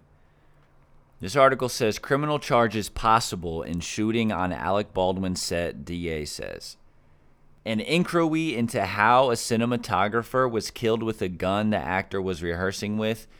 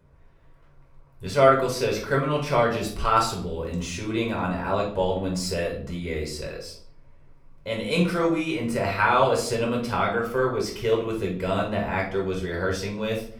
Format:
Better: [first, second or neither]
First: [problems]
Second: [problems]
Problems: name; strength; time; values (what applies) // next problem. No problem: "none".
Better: first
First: none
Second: off-mic speech; far // room echo; slight; dies away in 0.5 s